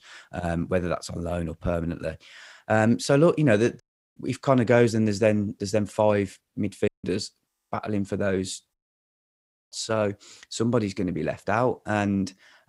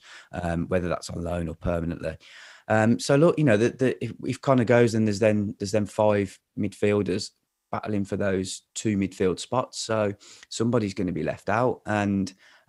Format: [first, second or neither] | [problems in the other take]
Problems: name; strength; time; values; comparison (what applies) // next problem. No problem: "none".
second | audio cutting out; at 4 s, at 7 s and at 8.5 s for 1 s